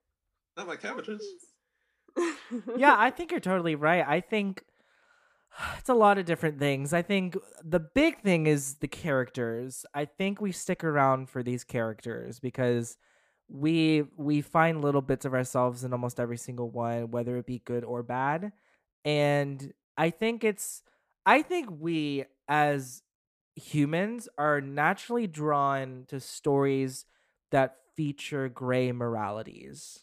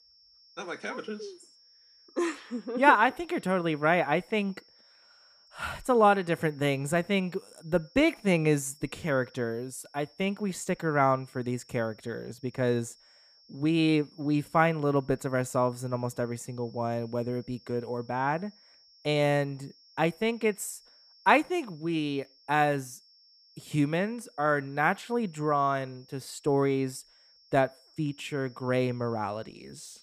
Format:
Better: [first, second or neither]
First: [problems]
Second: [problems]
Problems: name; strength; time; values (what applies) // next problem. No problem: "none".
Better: first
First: none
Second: high-pitched whine; faint; throughout; 5.5 kHz, 30 dB below the speech